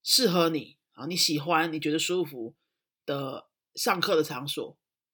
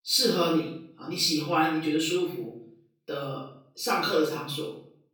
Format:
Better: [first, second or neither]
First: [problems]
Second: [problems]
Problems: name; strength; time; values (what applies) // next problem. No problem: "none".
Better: first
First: none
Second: room echo; noticeable; dies away in 0.5 s // off-mic speech; far